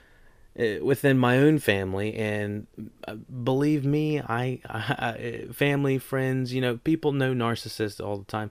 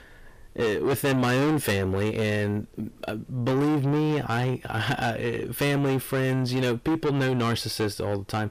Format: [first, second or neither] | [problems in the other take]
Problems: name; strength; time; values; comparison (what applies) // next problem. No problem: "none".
first | distortion; heavy; 7 dB below the speech